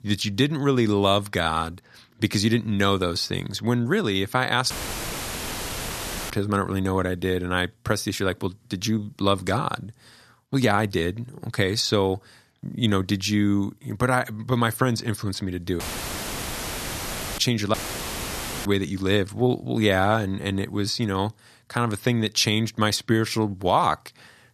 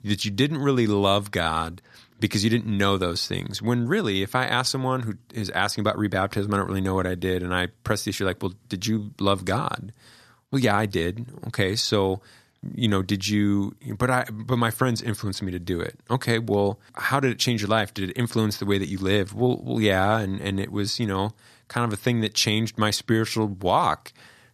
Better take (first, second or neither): second